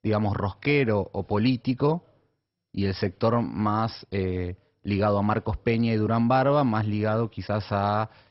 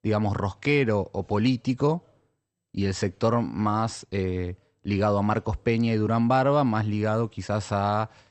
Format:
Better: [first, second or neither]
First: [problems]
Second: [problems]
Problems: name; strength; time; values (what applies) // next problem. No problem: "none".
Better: second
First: garbled, watery; badly; nothing above 5.5 kHz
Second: garbled, watery; slightly; nothing above 8 kHz